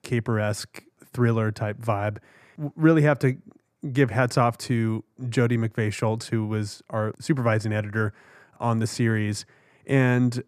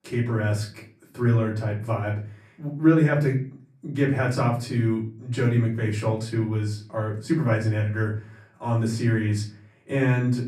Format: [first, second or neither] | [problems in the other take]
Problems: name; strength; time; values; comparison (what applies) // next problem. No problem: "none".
first | off-mic speech; far // room echo; slight; dies away in 0.4 s